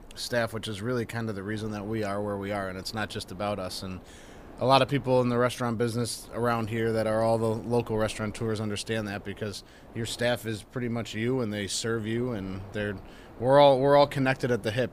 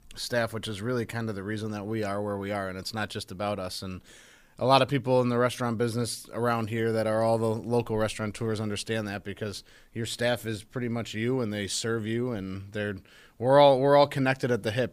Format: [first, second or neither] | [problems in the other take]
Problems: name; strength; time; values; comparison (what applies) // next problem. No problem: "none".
second | wind noise on the microphone; occasional gusts; 25 dB below the speech